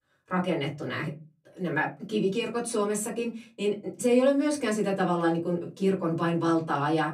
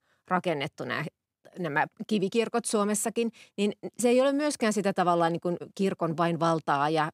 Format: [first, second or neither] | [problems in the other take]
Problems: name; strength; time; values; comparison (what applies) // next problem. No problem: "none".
second | off-mic speech; far // room echo; very slight; dies away in 0.3 s